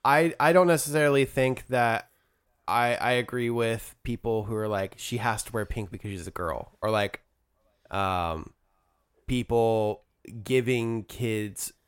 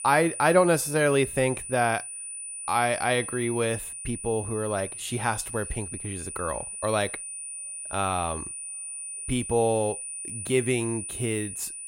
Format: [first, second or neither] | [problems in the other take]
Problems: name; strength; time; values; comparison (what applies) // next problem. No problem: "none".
first | high-pitched whine; loud; throughout; 9.5 kHz, 7 dB below the speech